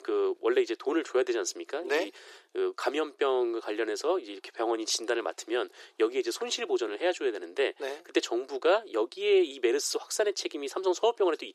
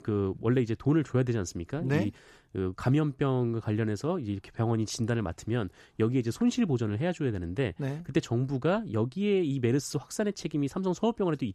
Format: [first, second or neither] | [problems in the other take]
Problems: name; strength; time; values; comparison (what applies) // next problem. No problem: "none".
second | thin; very; fading below 350 Hz